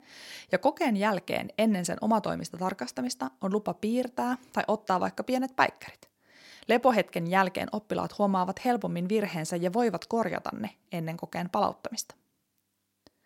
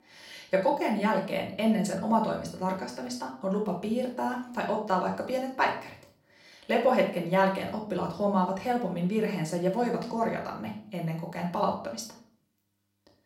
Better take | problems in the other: first | off-mic speech; far // room echo; slight; dies away in 0.5 s

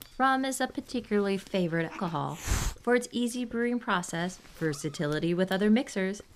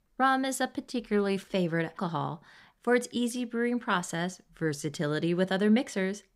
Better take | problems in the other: second | hiss; noticeable; throughout; 10 dB below the speech

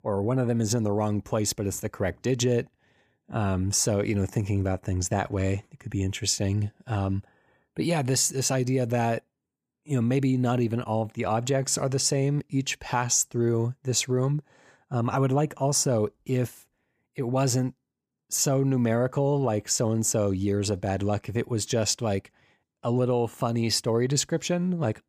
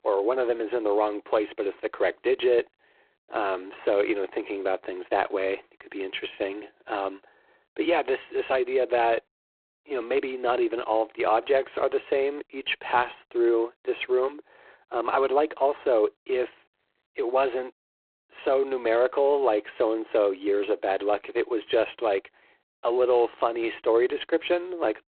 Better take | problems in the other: first | phone-call audio; poor line

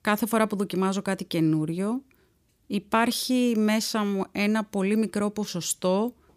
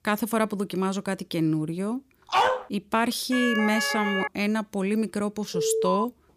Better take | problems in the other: first | dog barking; loud; at 2.5 s; peak 4 dB above the speech // siren; loud; at 3.5 s; peak 1 dB above the speech // alarm; loud; at 5.5 s; peak 1 dB above the speech

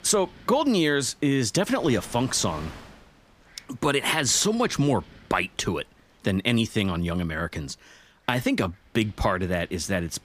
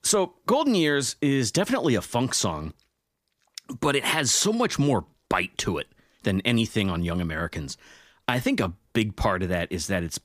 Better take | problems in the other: second | wind noise on the microphone; occasional gusts; 25 dB below the speech

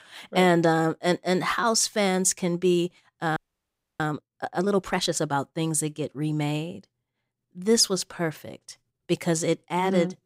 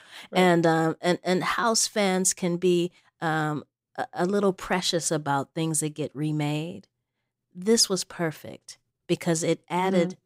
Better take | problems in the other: second | audio freezing; at 3.5 s for 0.5 s

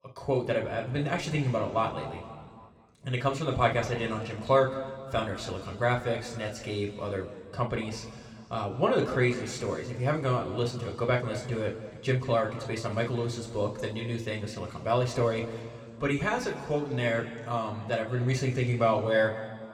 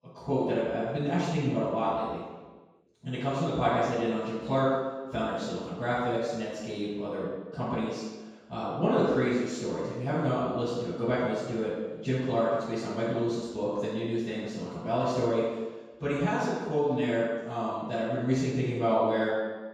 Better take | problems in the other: first | room echo; strong; dies away in 1.2 s; slight in the first // off-mic speech; far; somewhat distant in the first

